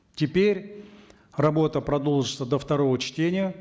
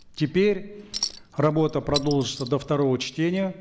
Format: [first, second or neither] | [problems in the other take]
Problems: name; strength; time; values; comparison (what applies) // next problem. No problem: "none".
first | background sound (Chink, clink); 13 dB below the speech